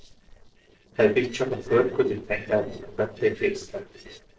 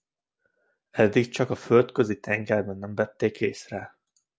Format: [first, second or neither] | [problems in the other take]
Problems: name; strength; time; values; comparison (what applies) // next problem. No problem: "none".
second | noise reduction (neural separator model SepFormer DNS4)